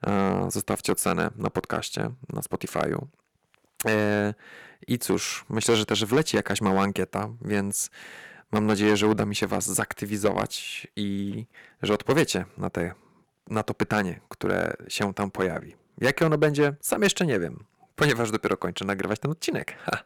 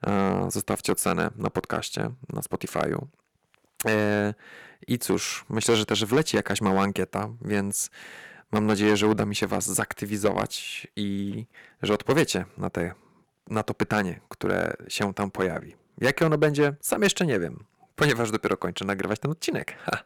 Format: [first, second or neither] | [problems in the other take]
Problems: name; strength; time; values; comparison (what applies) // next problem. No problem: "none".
neither | distortion; slight; 2% of the sound clipped; the same in both